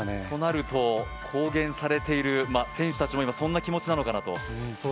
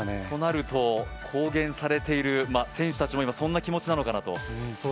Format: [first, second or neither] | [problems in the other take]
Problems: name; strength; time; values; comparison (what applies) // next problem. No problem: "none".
second | background sound (Wind instrument, woodwind instrument); 16 dB below the speech